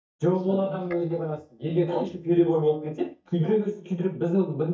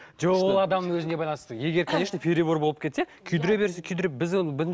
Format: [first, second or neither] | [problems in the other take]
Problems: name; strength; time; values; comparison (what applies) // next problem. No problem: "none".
second | noise reduction (neural mask model DeepFilterNet 3)